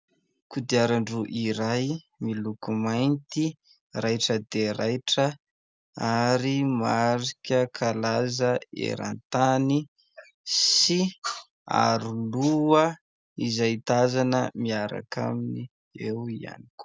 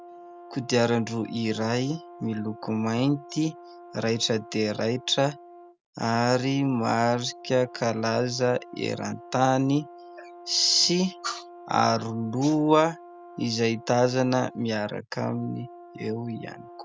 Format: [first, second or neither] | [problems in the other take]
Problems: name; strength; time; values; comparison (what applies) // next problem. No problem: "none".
first | background sound (Brass instrument); 19 dB below the speech